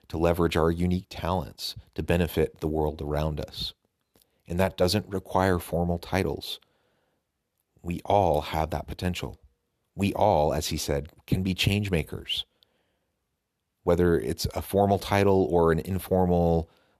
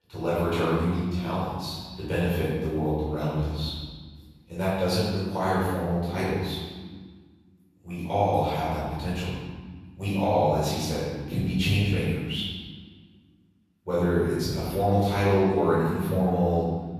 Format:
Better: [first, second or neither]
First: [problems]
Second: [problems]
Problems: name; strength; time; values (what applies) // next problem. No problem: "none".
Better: first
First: none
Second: off-mic speech; far // room echo; strong; dies away in 1.4 s